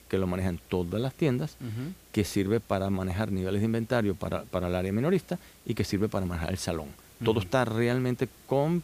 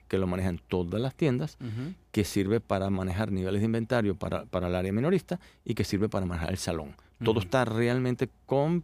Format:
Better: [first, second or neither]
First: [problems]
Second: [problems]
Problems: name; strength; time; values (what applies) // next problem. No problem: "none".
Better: second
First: hiss; faint; throughout; 25 dB below the speech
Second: none